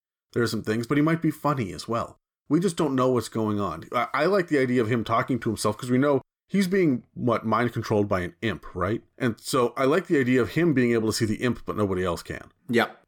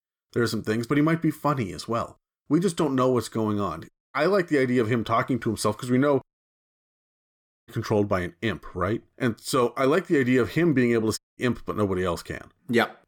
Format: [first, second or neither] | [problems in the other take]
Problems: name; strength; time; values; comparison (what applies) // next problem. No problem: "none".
first | audio cutting out; at 4 s, at 6.5 s for 1.5 s and at 11 s